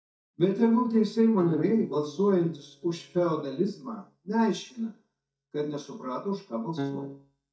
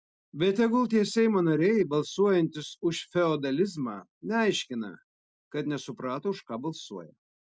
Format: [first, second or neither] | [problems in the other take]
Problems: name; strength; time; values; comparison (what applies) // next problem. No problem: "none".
second | noise reduction (neural mask model DeepFilterNet 3)